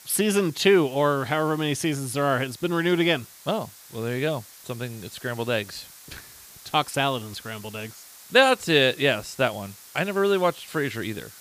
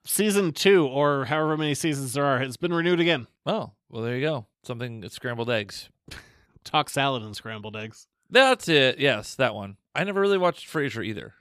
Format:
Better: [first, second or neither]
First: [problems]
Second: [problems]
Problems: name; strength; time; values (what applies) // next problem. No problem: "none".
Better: second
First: hiss; faint; throughout; 20 dB below the speech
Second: none